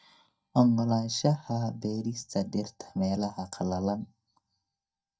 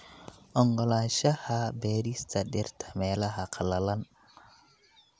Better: second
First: noise reduction (neural mask model DeepFilterNet 3)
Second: none

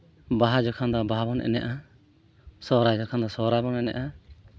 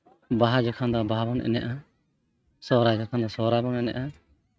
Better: first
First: none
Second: noise reduction (neural mask model RNNoise)

